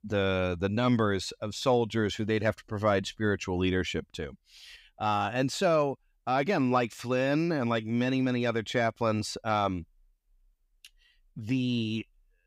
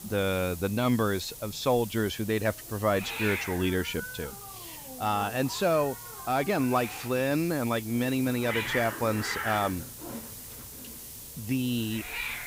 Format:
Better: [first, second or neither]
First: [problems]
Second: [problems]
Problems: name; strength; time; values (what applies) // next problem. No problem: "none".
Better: first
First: none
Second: hiss; loud; throughout; 9 dB below the speech